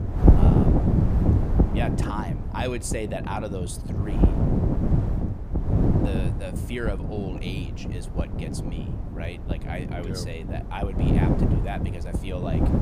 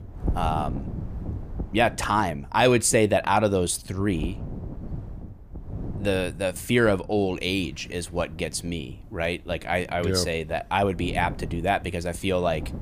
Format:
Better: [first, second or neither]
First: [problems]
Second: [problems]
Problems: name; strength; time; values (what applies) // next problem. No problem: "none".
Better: second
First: wind noise on the microphone; heavy; 1 dB above the speech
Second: wind noise on the microphone; occasional gusts; 20 dB below the speech